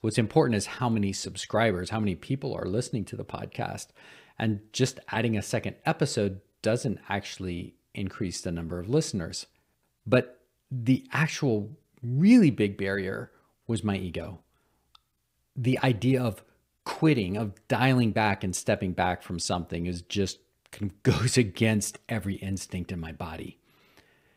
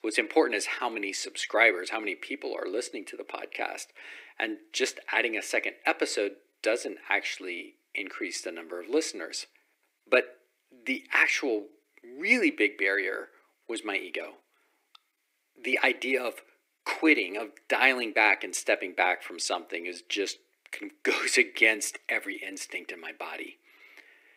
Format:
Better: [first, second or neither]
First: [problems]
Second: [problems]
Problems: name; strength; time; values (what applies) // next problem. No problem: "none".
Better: first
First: none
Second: thin; very; fading below 300 Hz